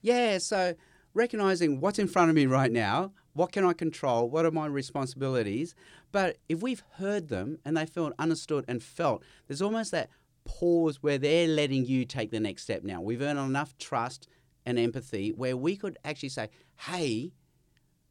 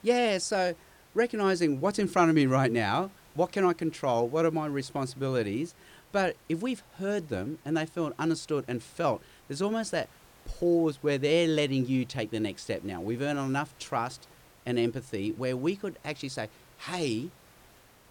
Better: first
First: none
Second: hiss; faint; throughout; 25 dB below the speech

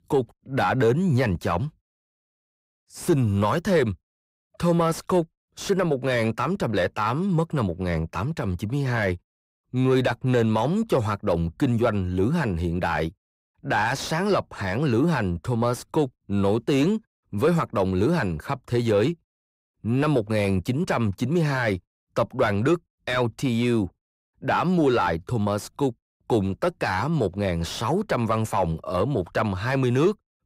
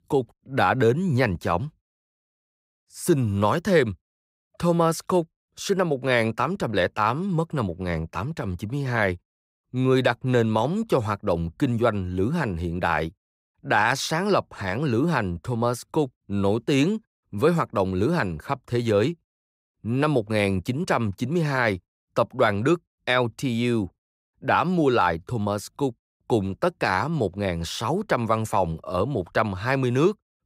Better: second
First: distortion; slight; 10 dB below the speech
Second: none

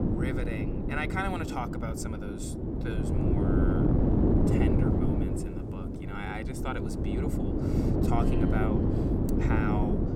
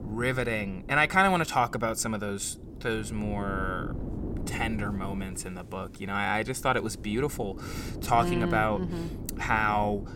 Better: second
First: wind noise on the microphone; heavy; 3 dB above the speech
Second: wind noise on the microphone; occasional gusts; 20 dB below the speech

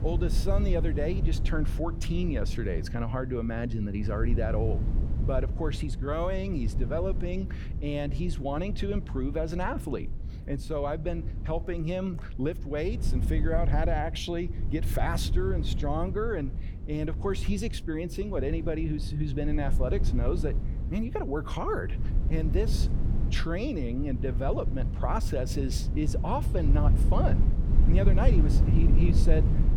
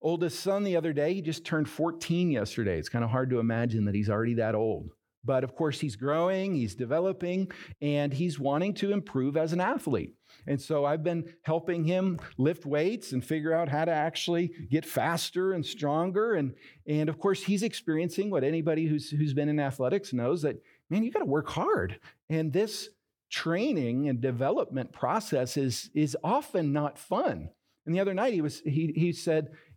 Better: second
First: wind noise on the microphone; occasional gusts; 10 dB below the speech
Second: none

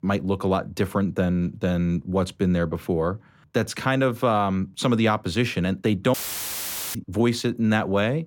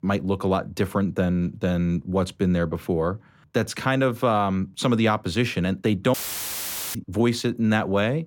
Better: neither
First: audio cutting out; filled with static; at 6 s for 1 s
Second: audio cutting out; filled with static; at 6 s for 1 s

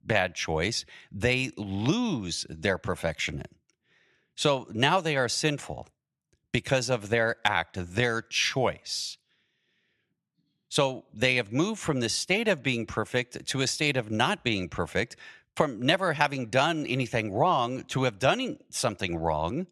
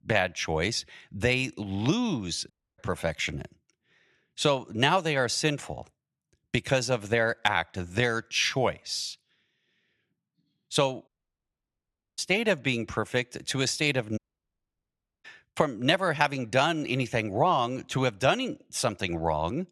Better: first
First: none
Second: audio cutting out; at 2.5 s, at 11 s for 1 s and at 14 s for 1 s

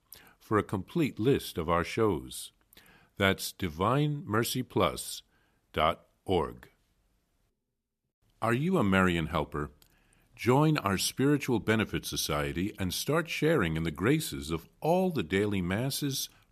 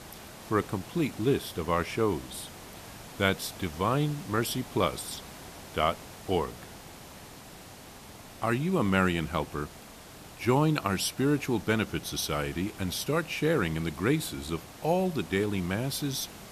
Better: first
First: none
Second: hiss; noticeable; throughout; 15 dB below the speech

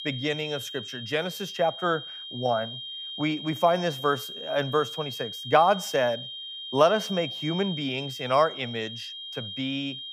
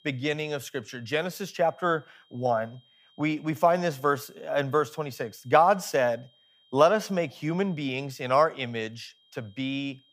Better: second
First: high-pitched whine; loud; throughout; 3 kHz, 8 dB below the speech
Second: high-pitched whine; faint; throughout; 3 kHz, 35 dB below the speech

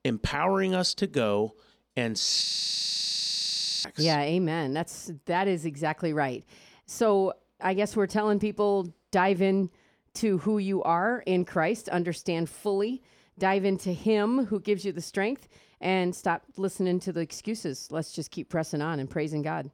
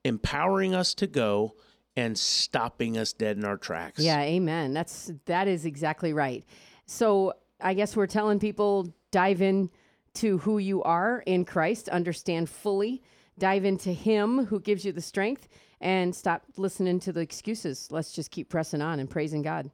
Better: second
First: audio freezing; at 2.5 s for 1.5 s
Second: none

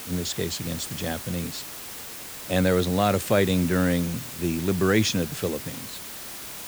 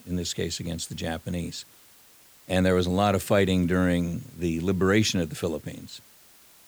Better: second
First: hiss; loud; throughout; 10 dB below the speech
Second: hiss; faint; throughout; 25 dB below the speech

